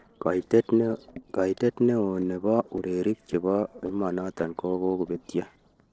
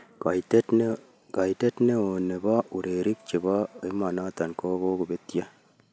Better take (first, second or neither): second